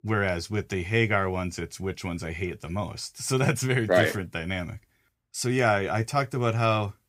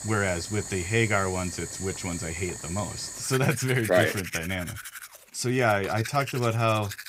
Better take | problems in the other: first | household noises; loud; throughout; 9 dB below the speech

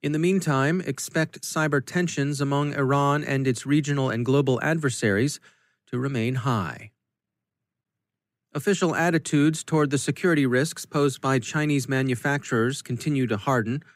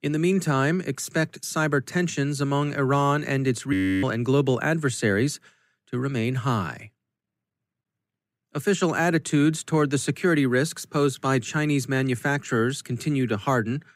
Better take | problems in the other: first | audio freezing; at 3.5 s

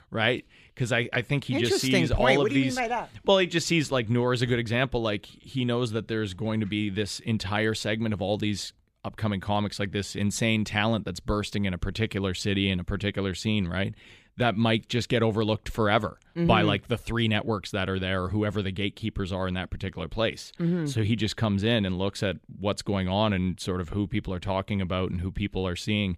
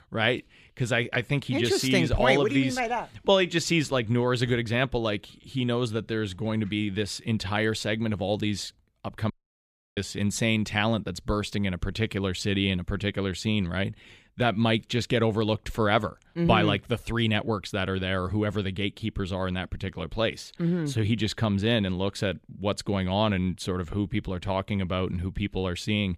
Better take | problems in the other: first | audio cutting out; at 9.5 s for 0.5 s

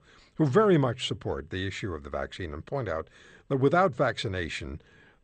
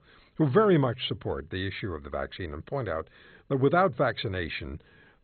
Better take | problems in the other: first | garbled, watery; badly; nothing above 4 kHz; slightly in the first

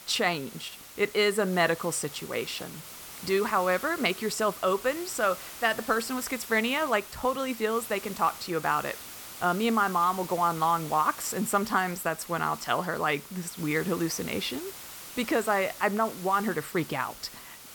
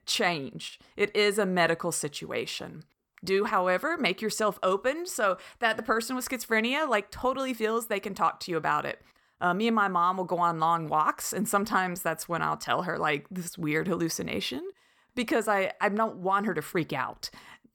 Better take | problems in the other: second | hiss; noticeable; throughout; 15 dB below the speech

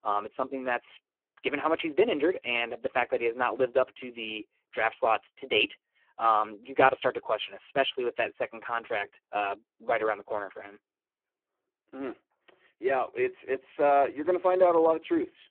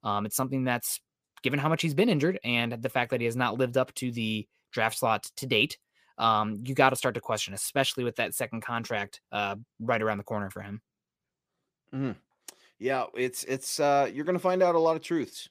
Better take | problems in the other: second | phone-call audio; poor line

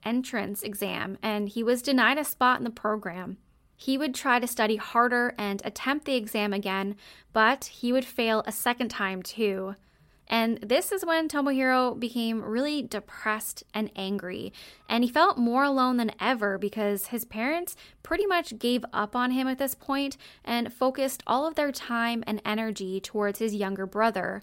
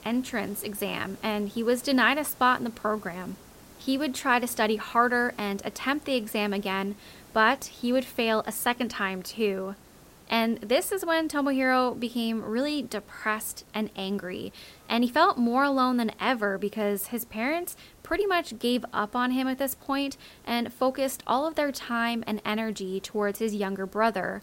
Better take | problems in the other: first | hiss; faint; throughout; 25 dB below the speech

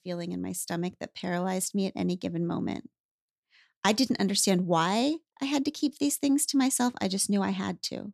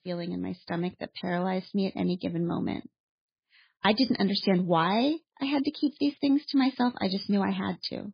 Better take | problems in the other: first | garbled, watery; badly

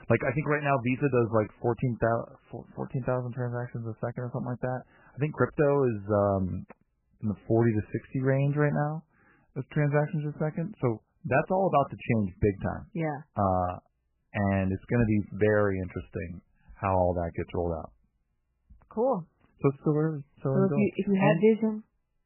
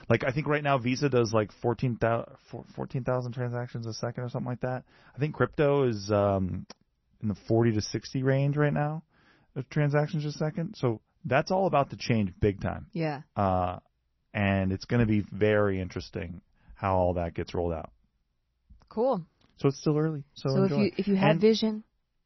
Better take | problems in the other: second | garbled, watery; badly; nothing above 3 kHz; slightly in the second

